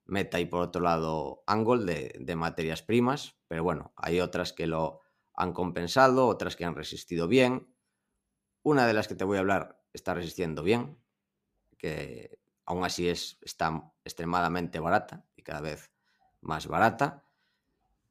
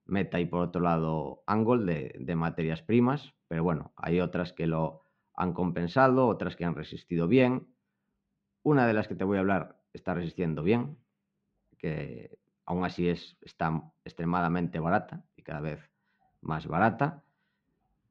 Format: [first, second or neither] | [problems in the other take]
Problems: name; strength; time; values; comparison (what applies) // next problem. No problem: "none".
first | muffled; slightly; fading above 3 kHz